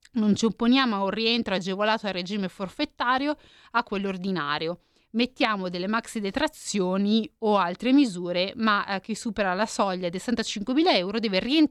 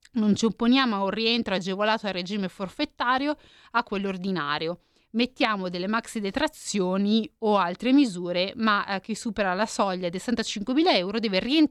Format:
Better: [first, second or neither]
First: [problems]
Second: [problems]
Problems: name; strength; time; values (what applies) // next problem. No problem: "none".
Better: neither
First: none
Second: none